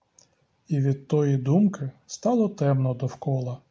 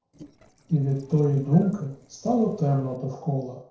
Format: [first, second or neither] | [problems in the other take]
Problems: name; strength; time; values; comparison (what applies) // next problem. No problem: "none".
first | noise reduction (neural separator model SepFormer DNS4)